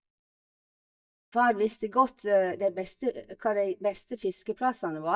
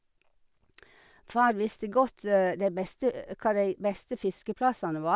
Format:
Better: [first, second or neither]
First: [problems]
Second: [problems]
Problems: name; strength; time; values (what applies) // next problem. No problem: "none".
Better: second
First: noise reduction (neural mask model DeepFilterNet 3)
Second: none